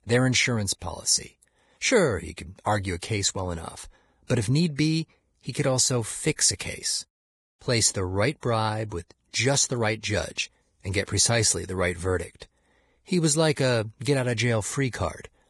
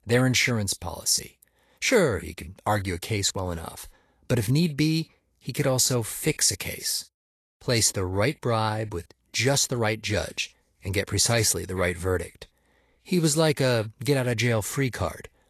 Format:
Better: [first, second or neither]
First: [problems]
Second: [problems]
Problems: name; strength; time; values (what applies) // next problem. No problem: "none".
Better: second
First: garbled, watery; badly; nothing above 10.5 kHz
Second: garbled, watery; slightly; nothing above 12.5 kHz